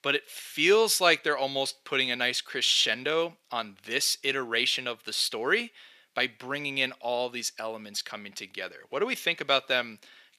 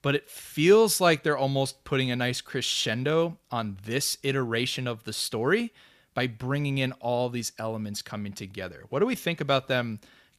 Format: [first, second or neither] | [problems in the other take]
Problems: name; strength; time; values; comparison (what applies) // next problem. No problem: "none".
second | thin; somewhat; fading below 350 Hz